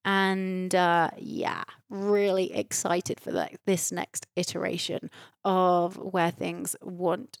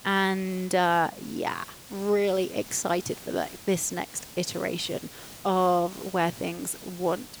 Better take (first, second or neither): first